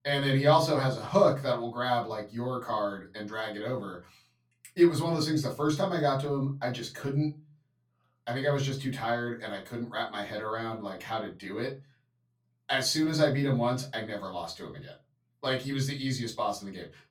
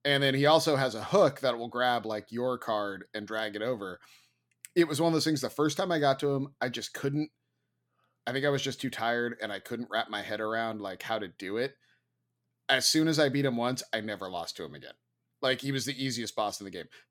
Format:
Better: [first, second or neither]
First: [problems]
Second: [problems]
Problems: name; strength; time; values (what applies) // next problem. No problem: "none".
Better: second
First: off-mic speech; far // room echo; very slight; dies away in 0.3 s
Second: none